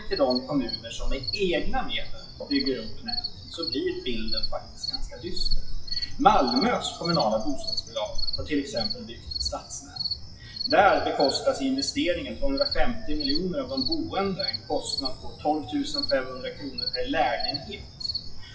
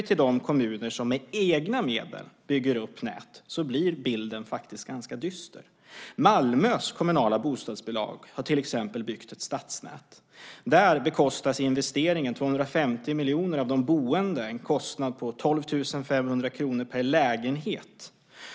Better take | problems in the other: second | noise reduction (classical method WPE with log-MMSE)

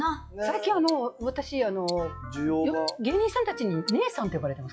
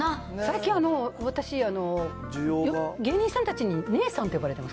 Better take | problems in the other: second | noise reduction (classical method log-MMSE)

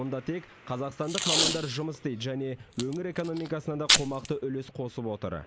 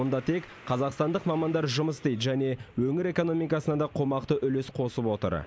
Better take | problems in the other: second | background sound (Packing tape, duct tape); 2 dB above the speech

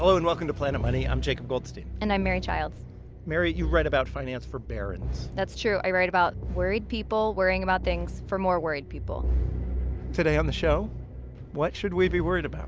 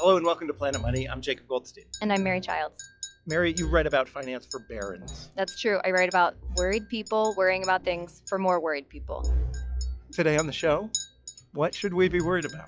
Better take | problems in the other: first | noise reduction (classical method log-MMSE)

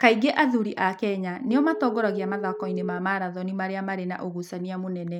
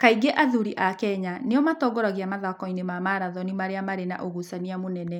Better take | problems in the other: second | noise reduction (neural mask model RNNoise)

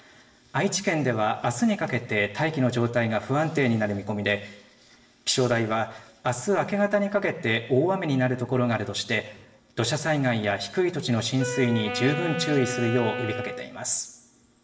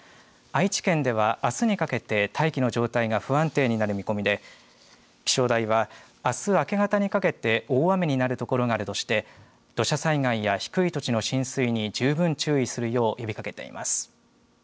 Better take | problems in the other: second | background sound (Wind instrument, woodwind instrument); 7 dB below the speech // room echo; dies away in 0.7 s

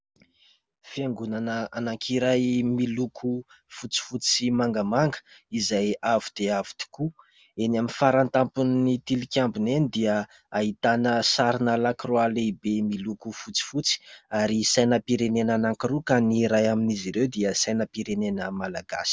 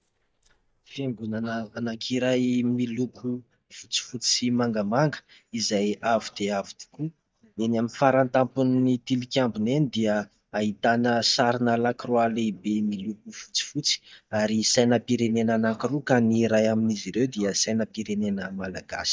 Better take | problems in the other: first | noise reduction (neural mask model DeepFilterNet 3)

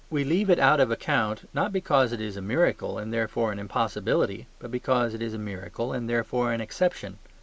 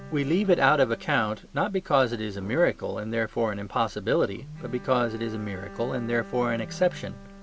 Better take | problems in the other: first | background sound (Wild animals + Bowed string instrument); 18 dB below the speech

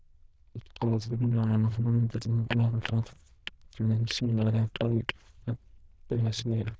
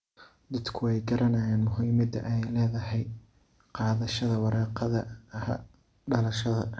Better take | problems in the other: second | noise reduction (neural diffusion model UNIVERSE++)

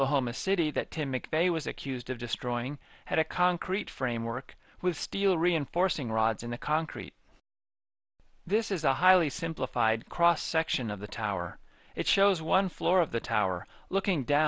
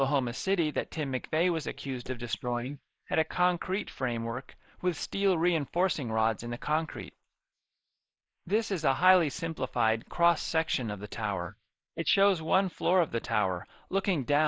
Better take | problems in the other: first | noise reduction (neural mask model Resemble Enhance denoiser)

